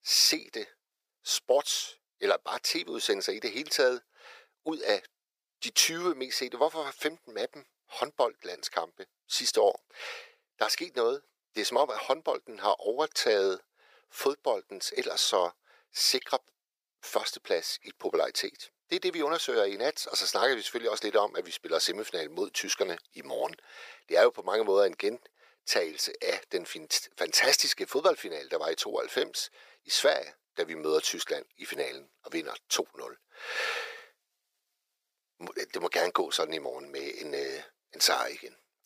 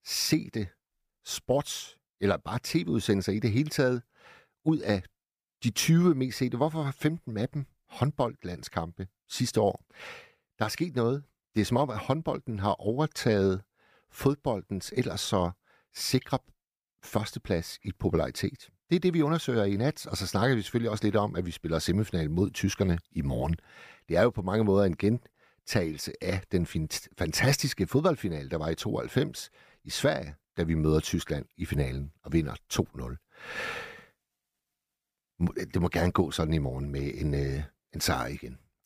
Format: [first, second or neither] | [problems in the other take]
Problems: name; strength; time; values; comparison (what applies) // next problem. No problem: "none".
second | thin; very; fading below 450 Hz